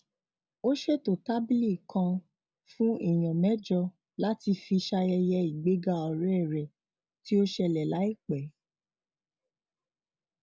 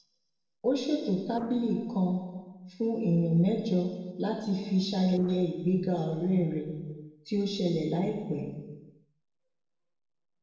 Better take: first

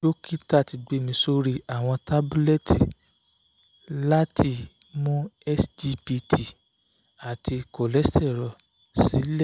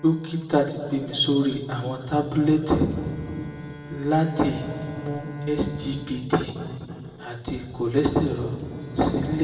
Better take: first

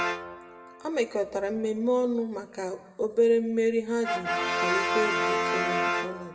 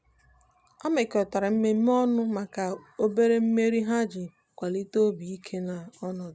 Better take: second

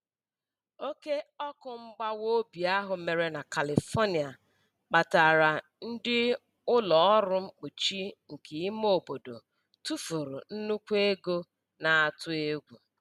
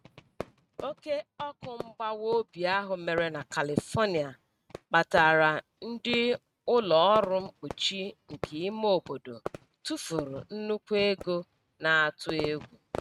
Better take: first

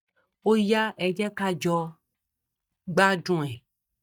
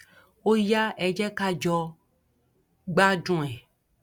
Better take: second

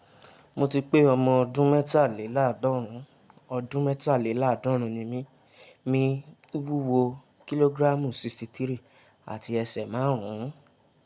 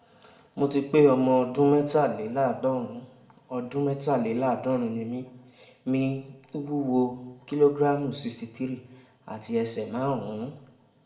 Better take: first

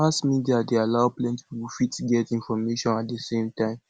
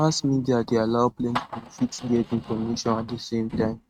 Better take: first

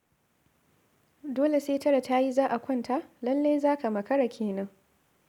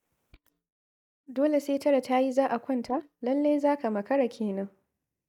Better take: first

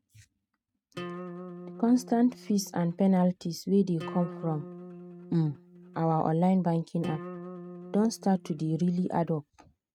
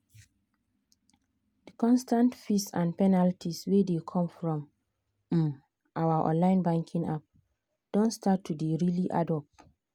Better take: second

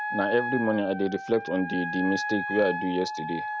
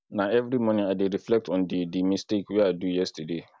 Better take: second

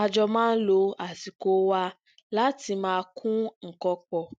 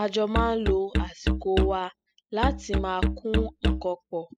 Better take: first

